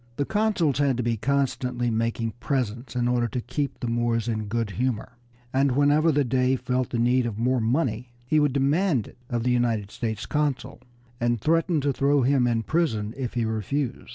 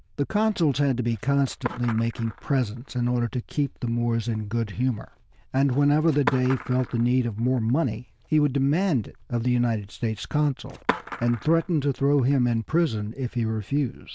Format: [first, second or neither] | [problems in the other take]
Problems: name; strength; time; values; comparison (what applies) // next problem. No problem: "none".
first | noise reduction (neural diffusion model UNIVERSE++)